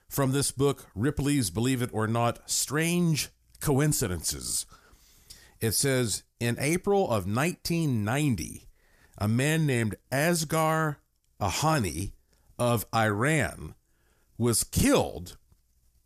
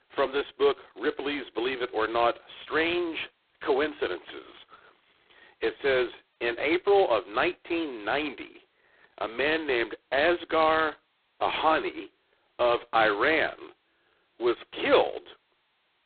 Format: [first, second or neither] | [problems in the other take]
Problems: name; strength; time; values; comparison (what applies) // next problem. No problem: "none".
first | phone-call audio; poor line; nothing above 4 kHz